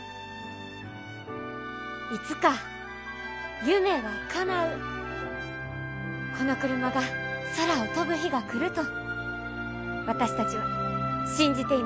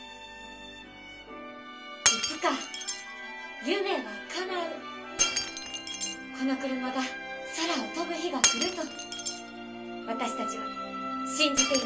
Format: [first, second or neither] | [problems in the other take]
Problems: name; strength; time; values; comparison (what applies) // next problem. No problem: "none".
first | background sound (Shatter); 2 dB below the speech // room echo; dies away in 0.3 s